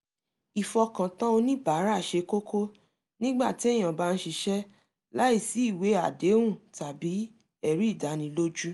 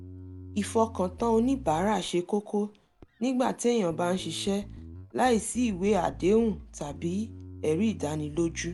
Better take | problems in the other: first | background sound (Bass guitar); 16 dB below the speech

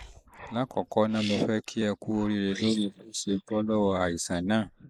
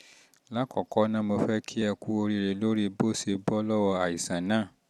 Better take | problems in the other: second | noise reduction (neural mask model Resemble Enhance denoiser)

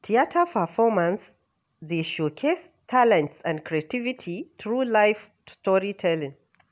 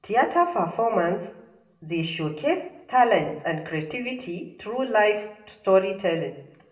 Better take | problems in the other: first | room echo; dies away in 0.6 s

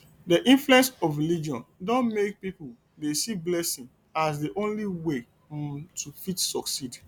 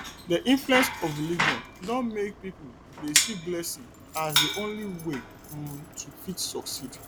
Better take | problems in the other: first | background sound (Bicycle); 2 dB below the speech

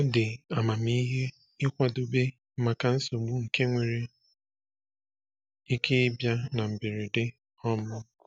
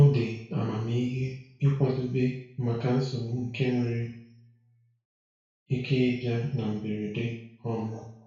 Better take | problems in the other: first | room echo; dies away in 0.6 s

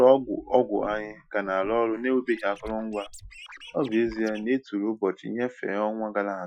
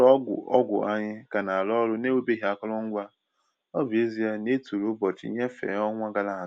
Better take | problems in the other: second | noise reduction (classical method Wiener filter)

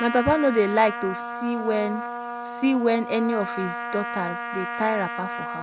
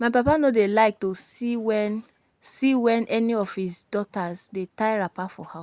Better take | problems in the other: second | background sound (Trumpet); 7 dB below the speech

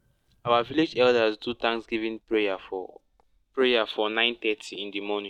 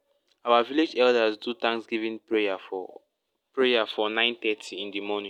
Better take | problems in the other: second | noise reduction (neural mask model DeepFilterNet 3)

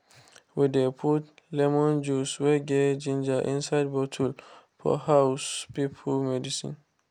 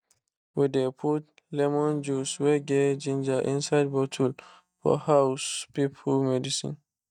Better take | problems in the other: first | noise reduction (neural mask model DeepFilterNet 3)

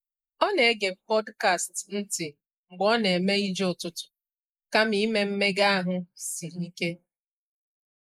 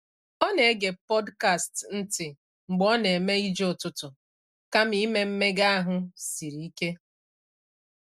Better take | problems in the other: second | noise reduction (neural mask model Resemble Enhance denoiser)

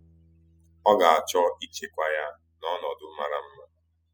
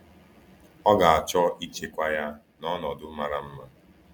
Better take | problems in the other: second | noise reduction (classical method spectral subtraction)

